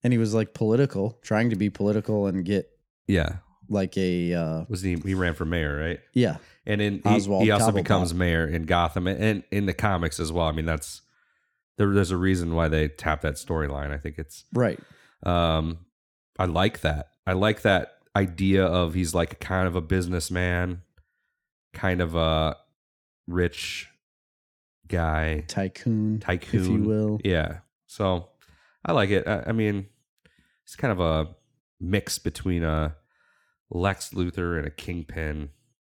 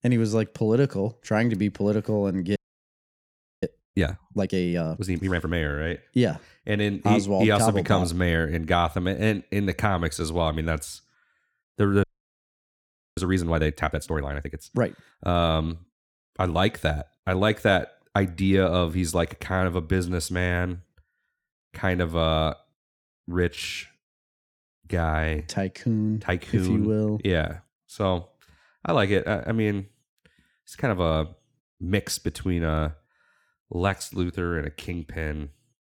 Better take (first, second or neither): first